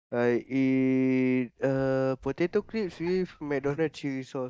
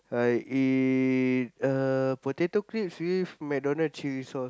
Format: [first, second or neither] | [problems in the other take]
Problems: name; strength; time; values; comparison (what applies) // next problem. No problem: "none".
second | noise reduction (neural mask model DeepFilterNet 3)